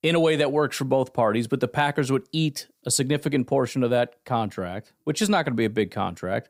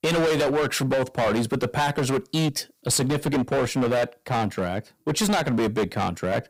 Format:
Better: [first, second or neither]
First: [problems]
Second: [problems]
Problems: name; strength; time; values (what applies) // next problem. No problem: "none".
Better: first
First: none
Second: distortion; heavy; 22% of the sound clipped